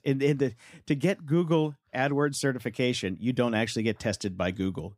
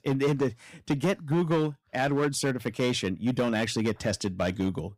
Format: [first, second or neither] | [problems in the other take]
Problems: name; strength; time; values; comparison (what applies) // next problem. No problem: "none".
first | distortion; slight; 8% of the sound clipped